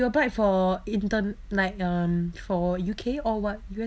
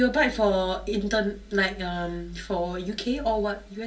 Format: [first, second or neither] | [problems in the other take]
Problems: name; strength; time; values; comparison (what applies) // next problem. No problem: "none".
first | room echo; dies away in 0.3 s